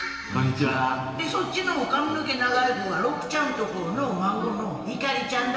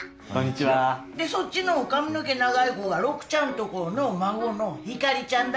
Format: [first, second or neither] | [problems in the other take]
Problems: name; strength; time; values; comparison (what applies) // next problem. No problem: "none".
second | room echo; dies away in 2.8 s